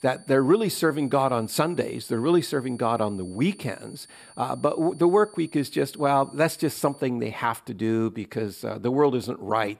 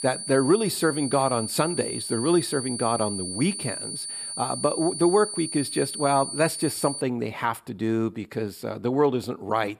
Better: first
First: high-pitched whine; faint; until 7 s; 9.5 kHz, 25 dB below the speech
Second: high-pitched whine; loud; until 7 s; 9.5 kHz, 6 dB below the speech

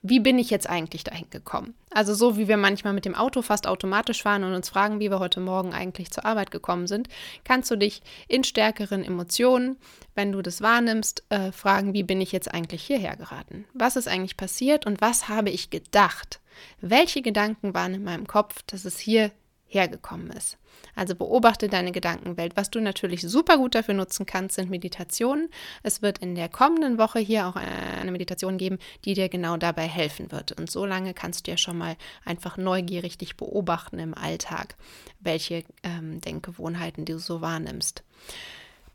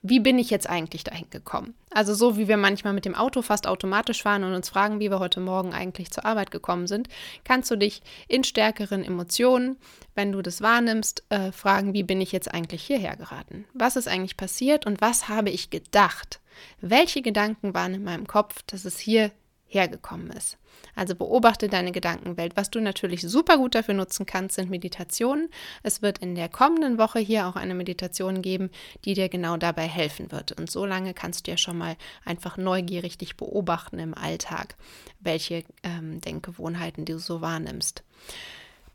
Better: second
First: audio freezing; at 28 s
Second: none

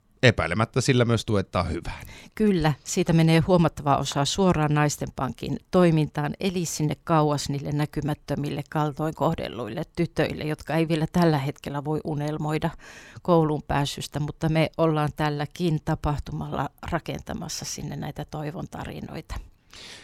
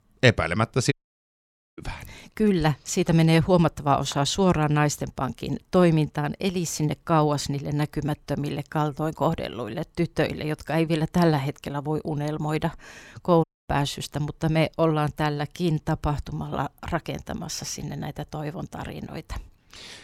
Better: first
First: none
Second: audio cutting out; at 1 s for 1 s and at 13 s

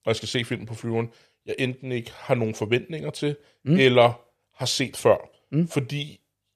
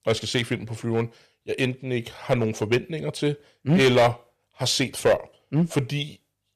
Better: first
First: none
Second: distortion; slight; 3% of the sound clipped

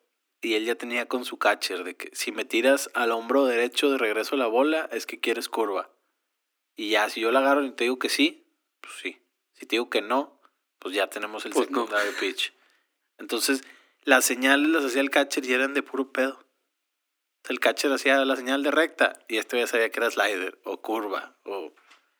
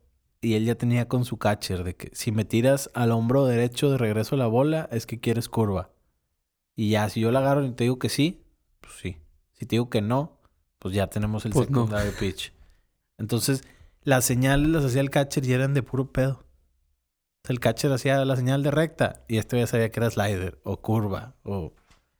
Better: second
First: thin; somewhat; fading below 250 Hz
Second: none

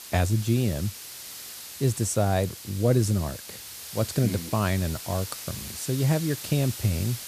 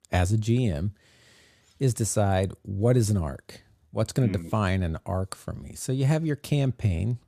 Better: second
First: hiss; noticeable; throughout; 10 dB below the speech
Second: none

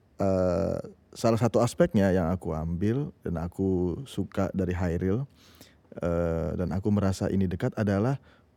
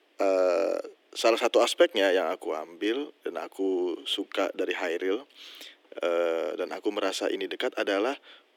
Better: first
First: none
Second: thin; very; fading below 300 Hz

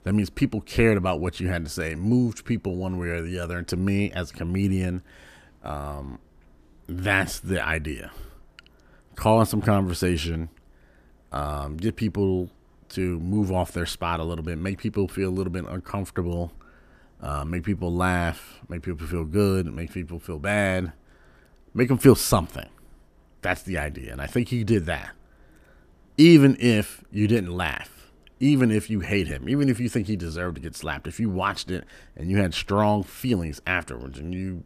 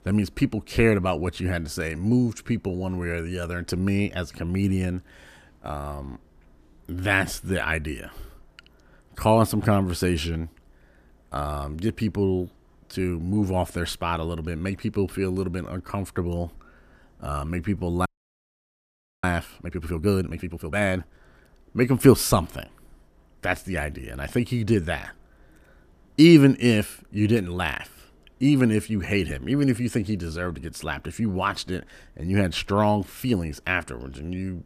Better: first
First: none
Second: audio freezing; at 18 s for 1 s

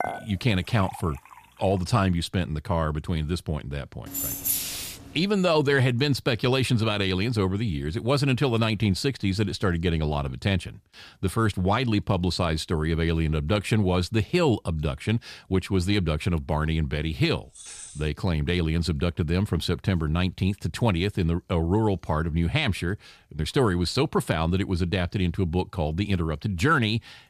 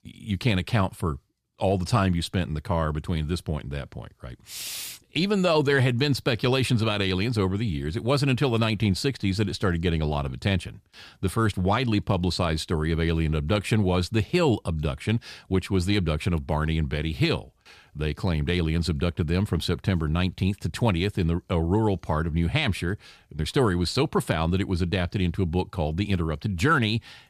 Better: second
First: clattering dishes; noticeable; until 1 s; peak 7 dB below the speech // jangling keys; loud; at 4 s; peak 1 dB above the speech // jangling keys; faint; at 18 s; peak 15 dB below the speech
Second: none

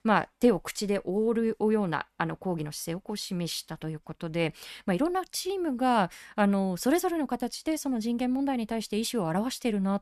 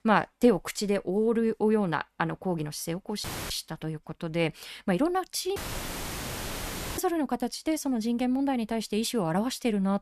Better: first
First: none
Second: audio cutting out; filled with static; at 3 s and at 5.5 s for 1.5 s

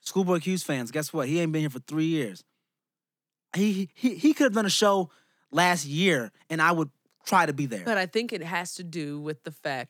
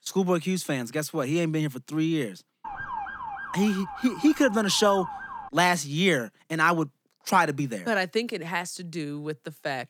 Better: first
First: none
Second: siren; noticeable; from 2.5 to 5.5 s; peak 8 dB below the speech

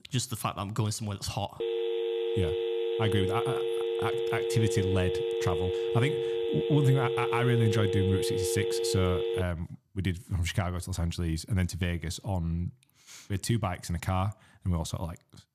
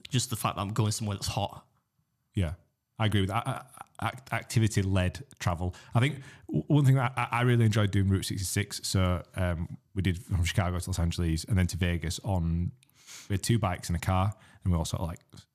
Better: second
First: phone ringing; loud; from 1.5 to 9.5 s; peak 1 dB above the speech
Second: none

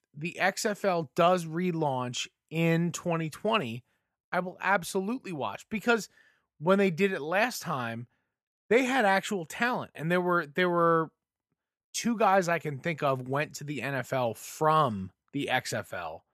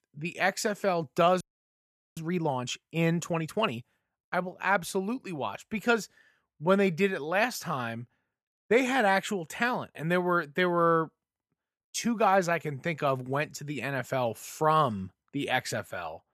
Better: first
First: none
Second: audio freezing; at 1.5 s for 1 s

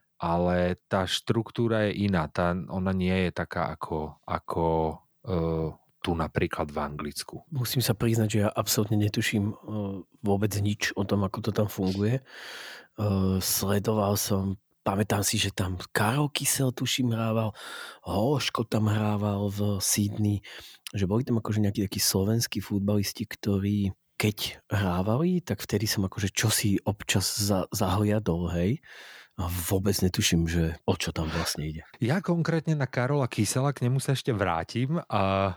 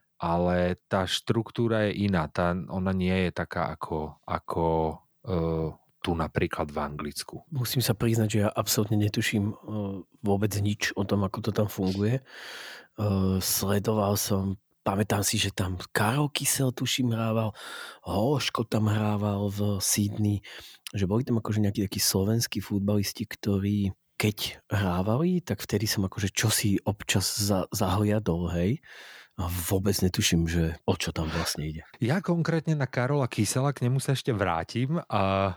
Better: neither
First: none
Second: none

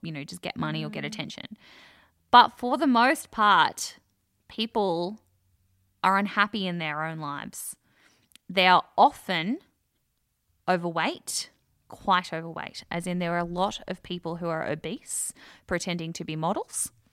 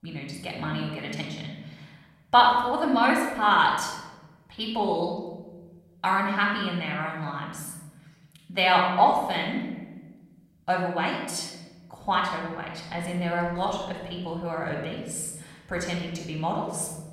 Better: first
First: none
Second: off-mic speech; somewhat distant // room echo; noticeable; dies away in 1.3 s

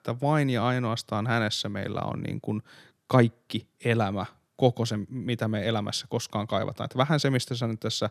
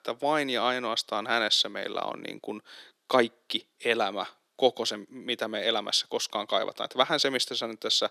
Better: first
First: none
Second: thin; somewhat; fading below 350 Hz

